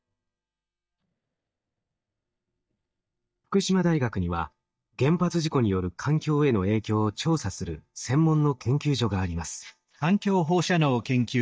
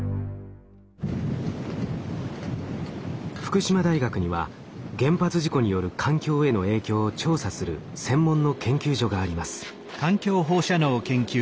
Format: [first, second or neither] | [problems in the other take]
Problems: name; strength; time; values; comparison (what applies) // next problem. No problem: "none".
second | noise reduction (neural mask model DeepFilterNet 3)